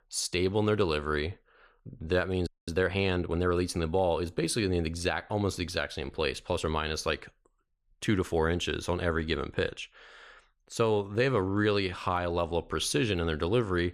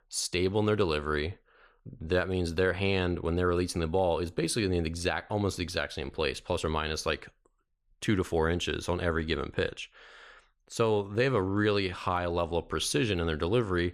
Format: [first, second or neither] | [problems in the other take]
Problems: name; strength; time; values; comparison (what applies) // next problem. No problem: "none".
second | audio freezing; at 2.5 s